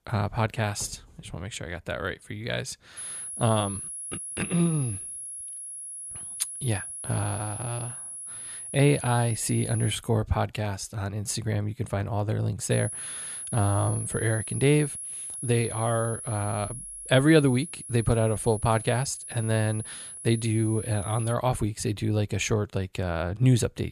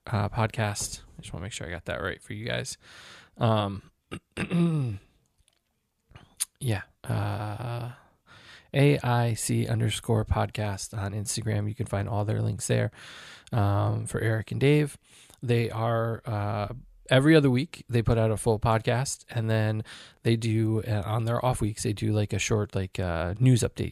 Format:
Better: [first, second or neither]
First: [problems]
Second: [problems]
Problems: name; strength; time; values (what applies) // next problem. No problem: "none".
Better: second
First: high-pitched whine; loud; from 3 to 10 s and from 13 to 21 s; 10.5 kHz, 8 dB below the speech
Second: none